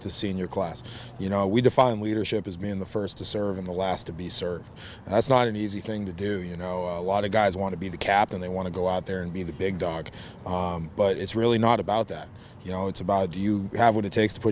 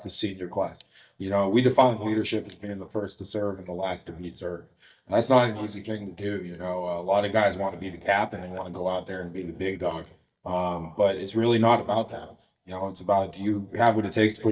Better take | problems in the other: first | noise reduction (neural mask model DeepFilterNet 3)

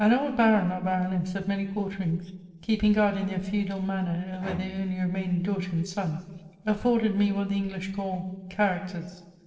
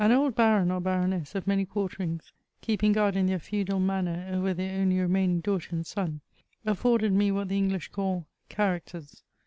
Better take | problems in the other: second | noise reduction (neural separator model SepFormer DNS4)

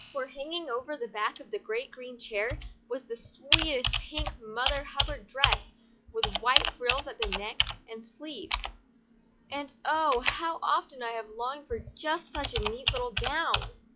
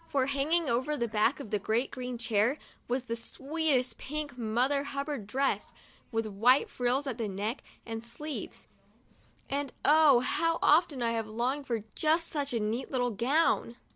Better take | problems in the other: second | noise reduction (classical method log-MMSE)

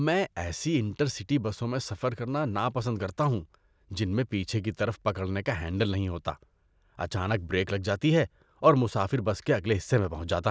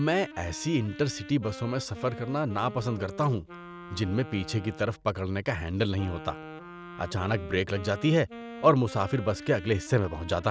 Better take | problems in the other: first | background sound (Wind instrument, woodwind instrument); 15 dB below the speech

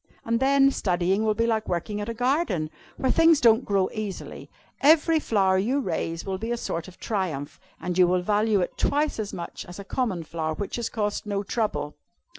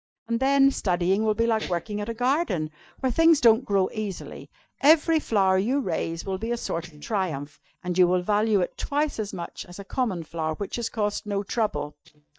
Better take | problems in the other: first | noise reduction (neural mask model DeepFilterNet 3)

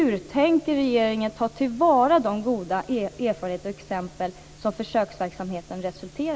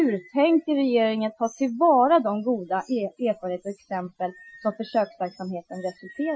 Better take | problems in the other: first | noise reduction (classical method Wiener filter)

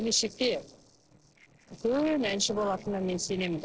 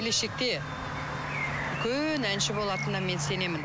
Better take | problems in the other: second | noise reduction (neural separator model SepFormer DNS4)

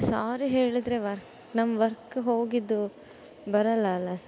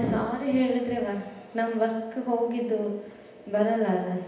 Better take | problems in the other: first | room echo; dies away in 0.9 s

